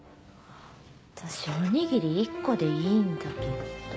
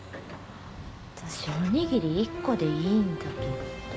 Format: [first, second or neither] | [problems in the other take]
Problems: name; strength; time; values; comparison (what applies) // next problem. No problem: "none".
first | background sound (Truck); 13 dB below the speech